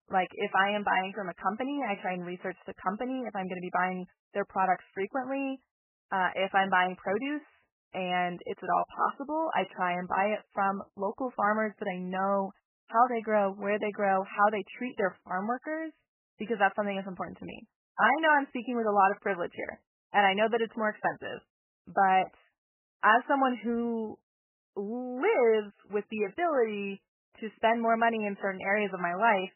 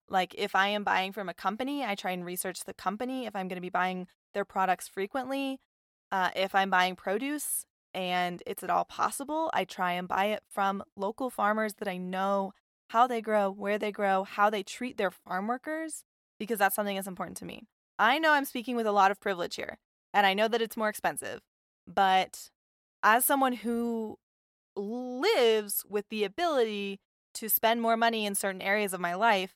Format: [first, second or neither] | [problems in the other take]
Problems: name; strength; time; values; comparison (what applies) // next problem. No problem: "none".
second | garbled, watery; badly; nothing above 3 kHz